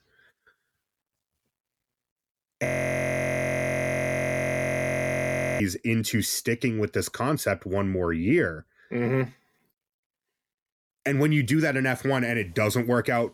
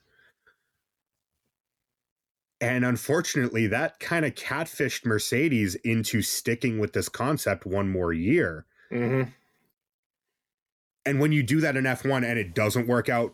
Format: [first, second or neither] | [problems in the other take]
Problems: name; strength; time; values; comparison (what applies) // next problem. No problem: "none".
second | audio freezing; at 2.5 s for 3 s